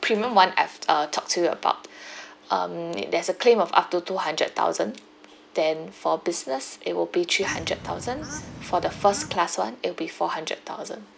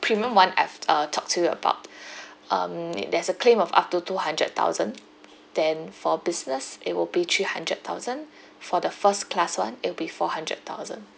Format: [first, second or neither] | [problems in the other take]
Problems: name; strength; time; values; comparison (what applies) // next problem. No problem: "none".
second | background sound (Bird / Fowl); 12 dB below the speech